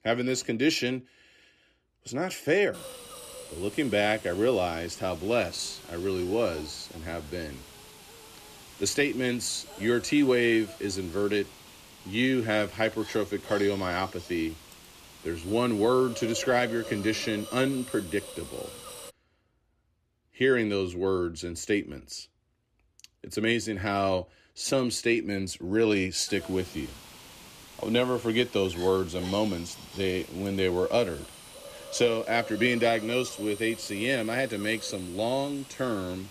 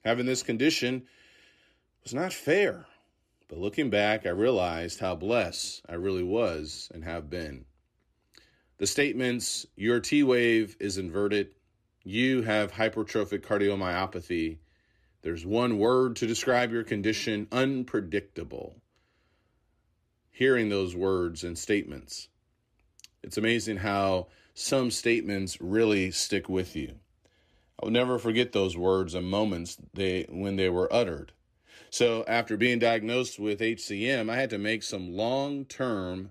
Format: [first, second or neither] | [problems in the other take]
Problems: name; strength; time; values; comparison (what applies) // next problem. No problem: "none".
second | hiss; noticeable; from 2.5 to 19 s and from 26 s on; 15 dB below the speech